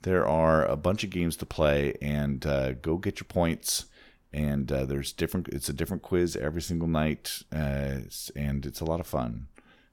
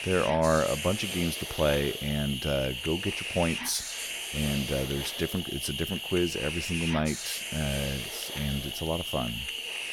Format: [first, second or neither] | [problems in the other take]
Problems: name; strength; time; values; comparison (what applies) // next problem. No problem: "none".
first | hiss; loud; throughout; 3 dB below the speech